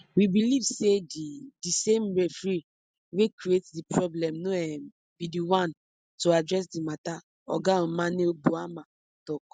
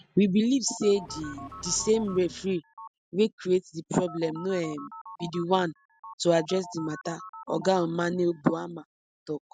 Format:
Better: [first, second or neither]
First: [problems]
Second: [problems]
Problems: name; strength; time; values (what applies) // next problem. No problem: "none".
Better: first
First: none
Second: background sound (Telephone + Accelerating, revving, vroom); 16 dB below the speech